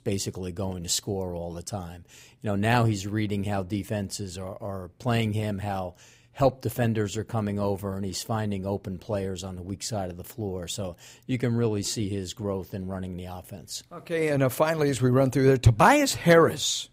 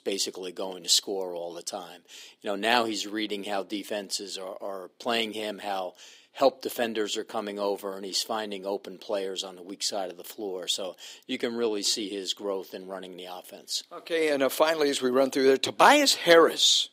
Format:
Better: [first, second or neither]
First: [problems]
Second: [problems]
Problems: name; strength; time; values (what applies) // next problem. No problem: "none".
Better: first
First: none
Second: thin; somewhat; fading below 300 Hz